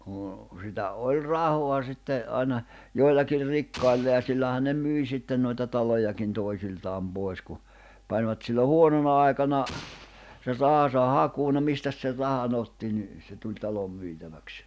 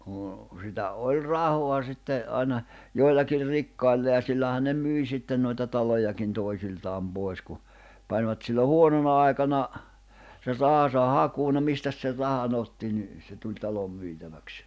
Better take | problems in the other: second | background sound (Explosion); 17 dB below the speech

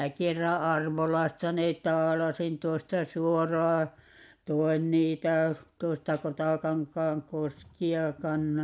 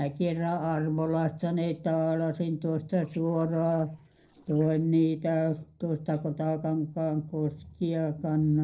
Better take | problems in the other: first | noise reduction (neural separator model SepFormer DNS4)

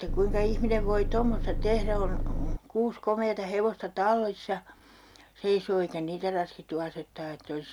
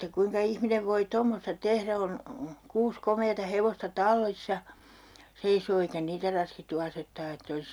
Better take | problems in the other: second | background sound (Engine); 2 dB above the speech

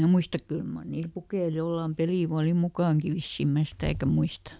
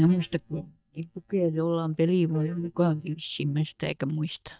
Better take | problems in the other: first | noise reduction (neural mask model DeepFilterNet 3)

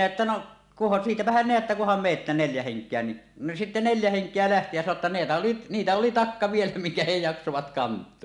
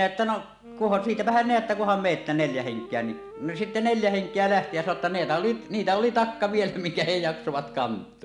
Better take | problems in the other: first | background sound (Wind instrument, woodwind instrument); 16 dB below the speech

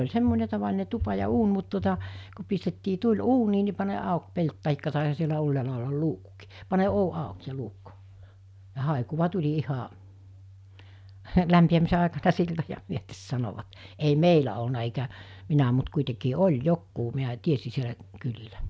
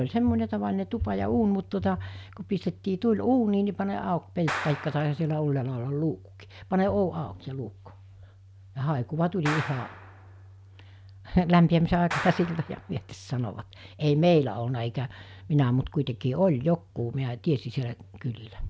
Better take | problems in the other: first | background sound (Clapping); 11 dB below the speech

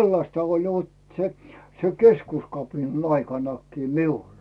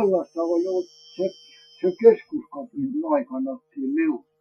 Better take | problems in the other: first | noise reduction (classical method Wiener filter)

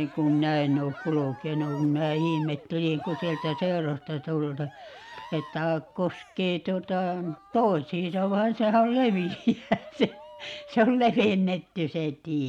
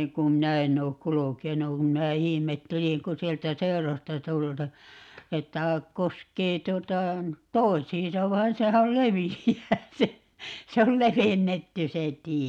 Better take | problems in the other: second | background sound (Cheering); 18 dB below the speech

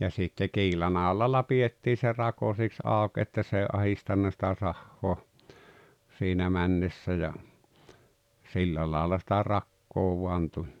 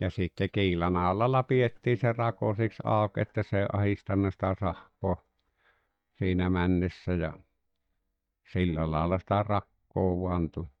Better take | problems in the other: first | noise reduction (neural mask model DeepFilterNet 3)

